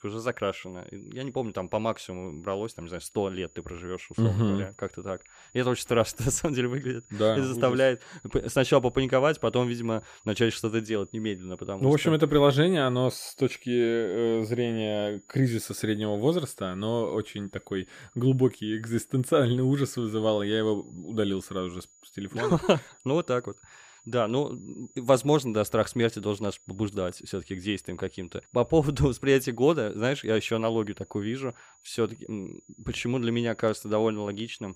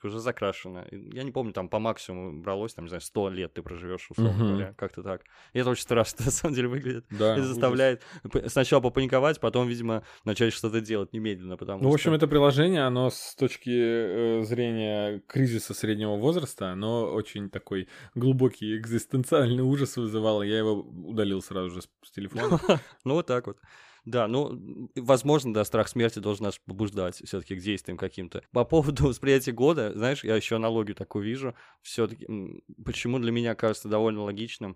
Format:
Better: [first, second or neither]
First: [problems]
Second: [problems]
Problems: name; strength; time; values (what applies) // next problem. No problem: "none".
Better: second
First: high-pitched whine; faint; throughout; 7 kHz, 30 dB below the speech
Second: none